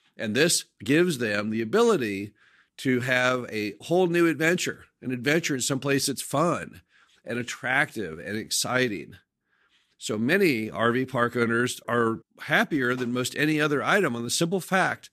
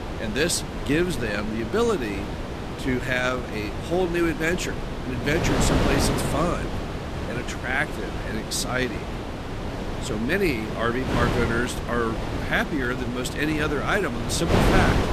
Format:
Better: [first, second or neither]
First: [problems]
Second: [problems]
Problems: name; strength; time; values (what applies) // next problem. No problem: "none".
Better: first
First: none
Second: wind noise on the microphone; heavy; 4 dB below the speech